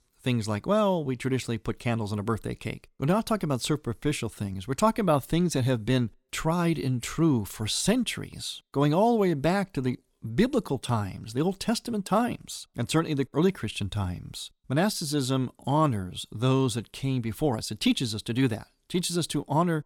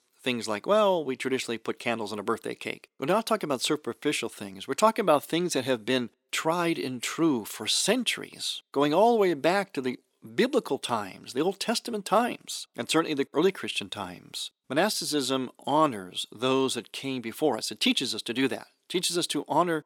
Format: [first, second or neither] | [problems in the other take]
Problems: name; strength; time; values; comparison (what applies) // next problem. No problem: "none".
first | thin; somewhat; fading below 350 Hz